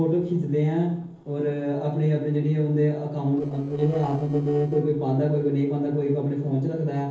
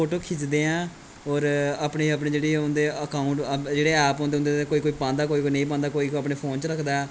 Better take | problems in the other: second | noise reduction (neural separator model SepFormer DNS4)

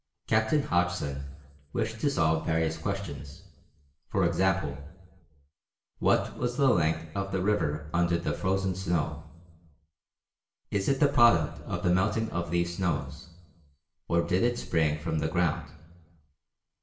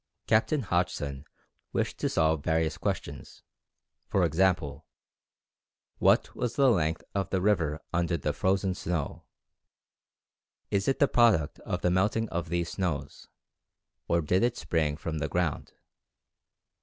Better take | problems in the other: second | room echo; dies away in 0.8 s

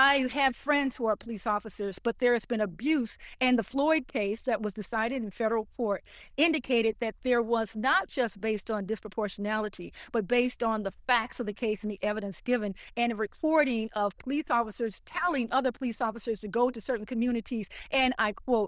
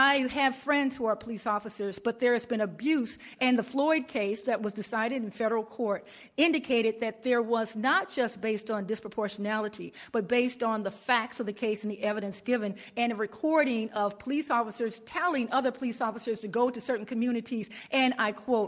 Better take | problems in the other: second | noise reduction (neural diffusion model UNIVERSE++)

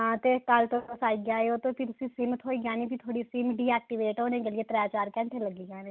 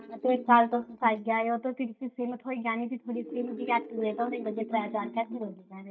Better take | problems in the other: first | noise reduction (neural mask model DeepFilterNet 3)

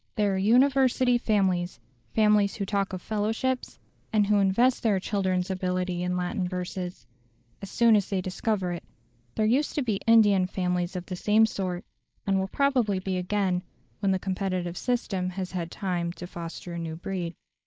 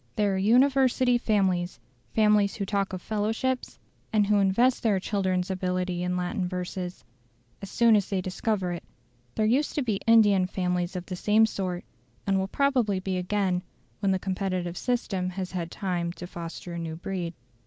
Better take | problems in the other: second | noise reduction (neural mask model Resemble Enhance denoiser)

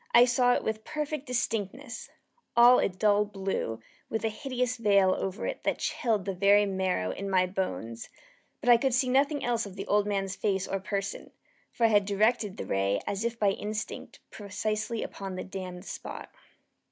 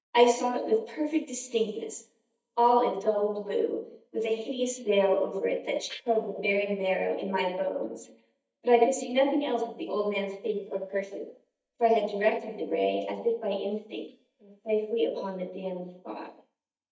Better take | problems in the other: first | noise reduction (neural mask model DeepFilterNet 3)

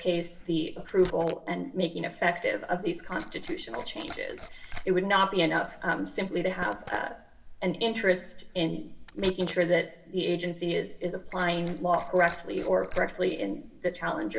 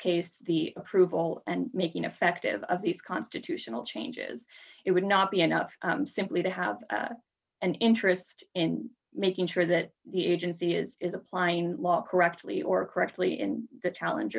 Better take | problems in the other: second | background sound (Liquid); 14 dB below the speech // room echo; dies away in 0.7 s

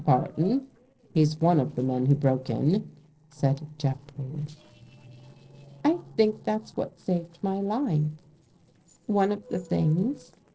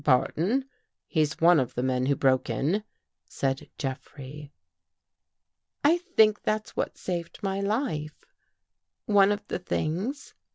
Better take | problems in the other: second | noise reduction (neural separator model SepFormer DNS4)

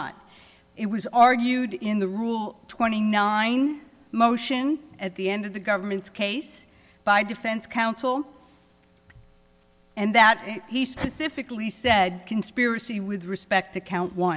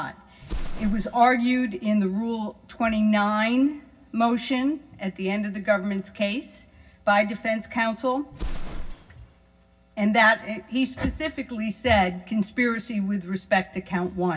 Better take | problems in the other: first | background sound (Explosion); 14 dB below the speech // room echo; dies away in 0.4 s

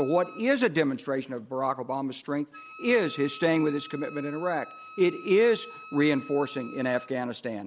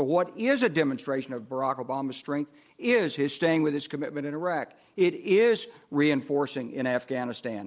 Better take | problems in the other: second | background sound (Wind instrument, woodwind instrument); 19 dB below the speech

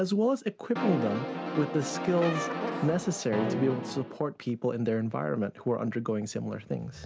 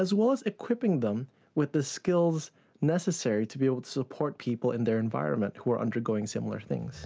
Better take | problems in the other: second | background sound (Brass instrument); 3 dB below the speech

